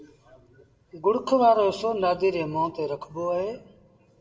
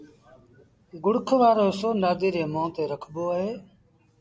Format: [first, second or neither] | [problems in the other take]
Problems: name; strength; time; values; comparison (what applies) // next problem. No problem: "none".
second | room echo; dies away in 0.8 s